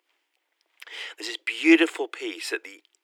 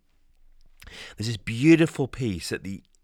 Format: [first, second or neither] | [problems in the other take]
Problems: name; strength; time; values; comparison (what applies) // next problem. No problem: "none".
second | thin; very; fading below 300 Hz